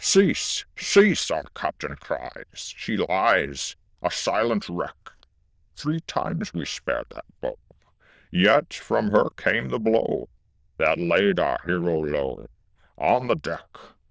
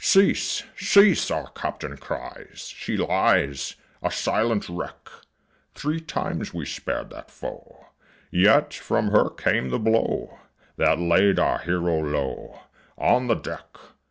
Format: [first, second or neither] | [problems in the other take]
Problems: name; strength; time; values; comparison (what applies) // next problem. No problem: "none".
second | noise reduction (neural diffusion model UNIVERSE++)